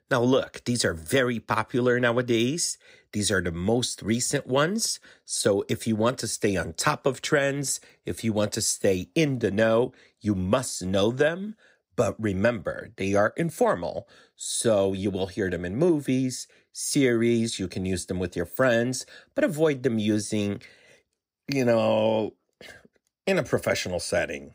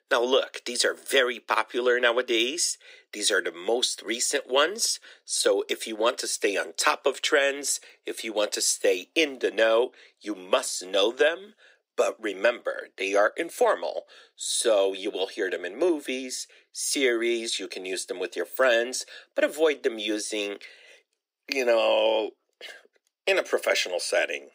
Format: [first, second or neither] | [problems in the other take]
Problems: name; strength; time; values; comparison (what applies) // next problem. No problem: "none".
first | thin; very; fading below 350 Hz